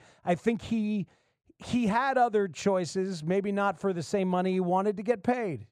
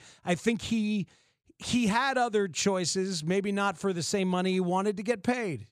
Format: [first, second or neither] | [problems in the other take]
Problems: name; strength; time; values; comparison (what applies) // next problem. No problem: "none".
second | muffled; slightly; fading above 2.5 kHz